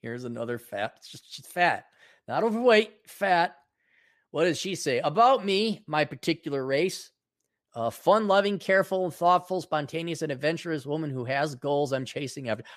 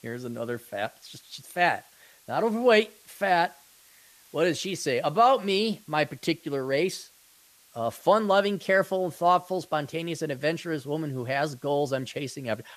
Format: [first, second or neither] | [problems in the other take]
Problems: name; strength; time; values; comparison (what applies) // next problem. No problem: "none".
first | hiss; faint; throughout; 30 dB below the speech